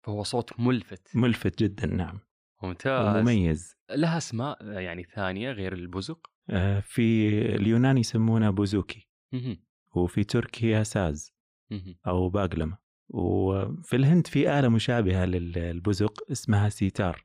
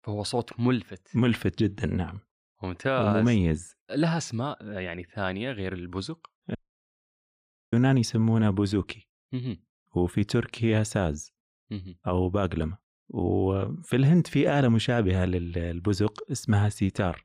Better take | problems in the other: first | audio cutting out; at 6.5 s for 1 s

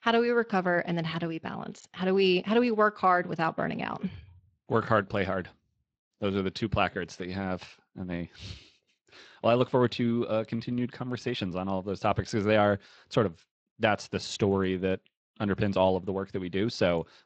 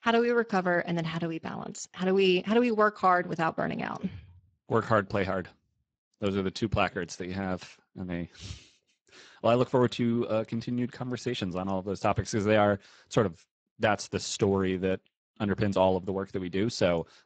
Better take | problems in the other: first | garbled, watery; badly; nothing above 7.5 kHz; slightly in the first

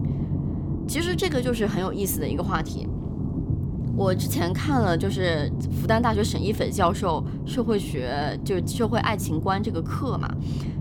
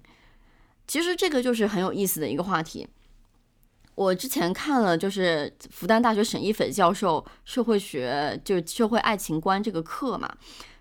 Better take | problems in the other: second | low rumble; noticeable; throughout; 10 dB below the speech

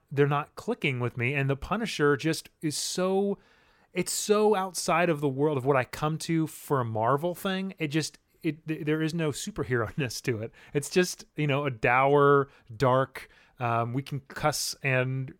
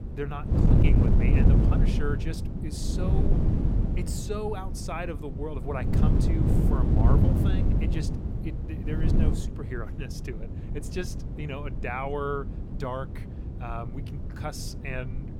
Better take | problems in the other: first | wind noise on the microphone; heavy; 1 dB below the speech

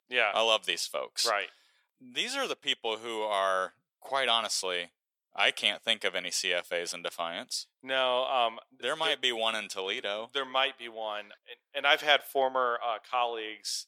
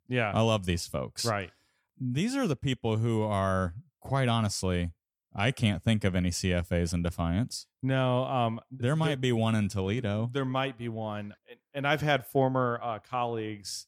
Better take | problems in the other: second | thin; very; fading below 500 Hz

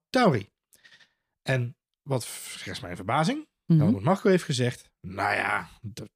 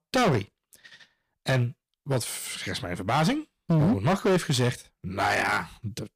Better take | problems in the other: first | distortion; heavy; 11% of the sound clipped

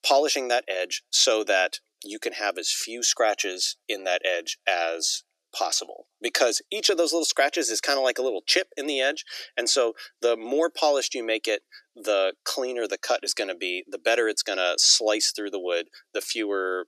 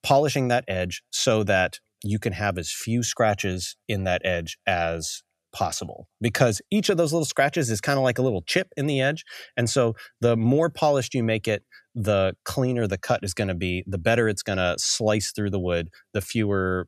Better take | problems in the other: second | thin; very; fading below 300 Hz

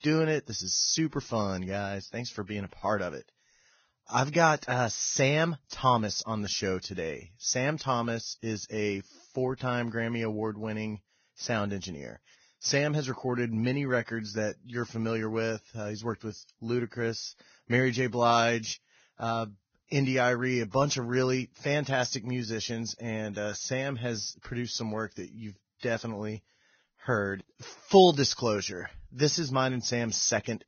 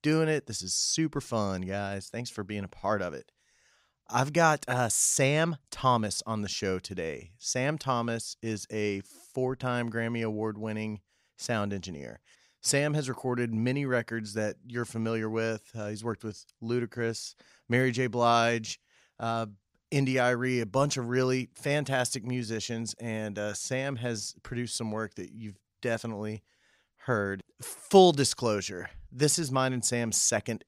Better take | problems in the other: second | garbled, watery; badly; nothing above 6.5 kHz

